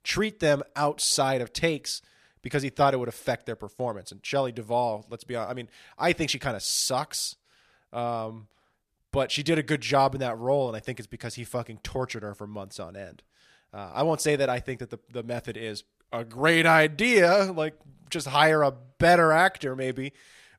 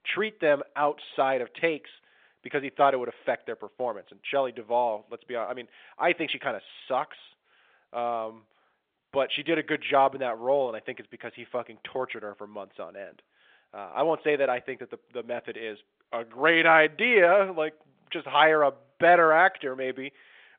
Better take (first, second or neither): first